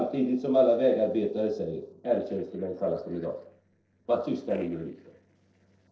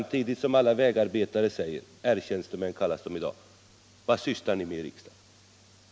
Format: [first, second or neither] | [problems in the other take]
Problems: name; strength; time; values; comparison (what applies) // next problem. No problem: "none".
second | noise reduction (neural separator model SepFormer DNS4)